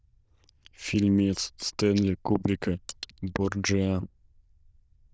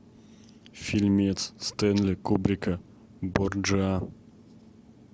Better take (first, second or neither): second